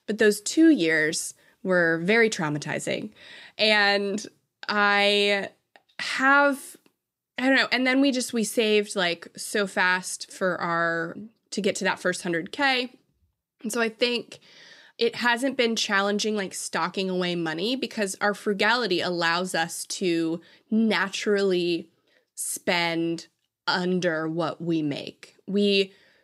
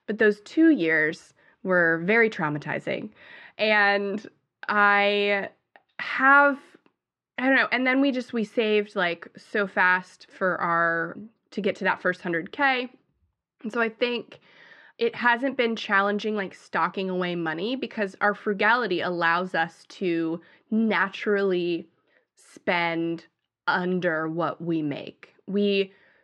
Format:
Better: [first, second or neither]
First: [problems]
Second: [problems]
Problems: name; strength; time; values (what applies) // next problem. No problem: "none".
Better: first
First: none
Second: muffled; slightly; fading above 2 kHz